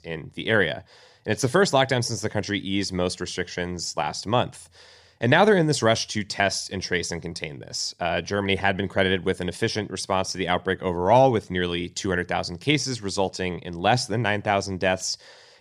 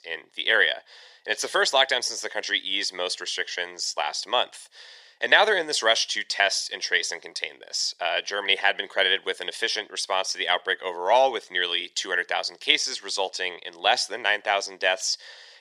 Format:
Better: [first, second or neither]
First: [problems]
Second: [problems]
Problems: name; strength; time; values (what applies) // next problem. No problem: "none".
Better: first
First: none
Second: thin; very; fading below 500 Hz